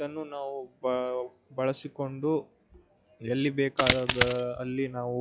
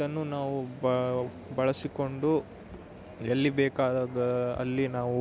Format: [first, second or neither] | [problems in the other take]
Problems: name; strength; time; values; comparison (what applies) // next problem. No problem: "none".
second | noise reduction (classical method log-MMSE)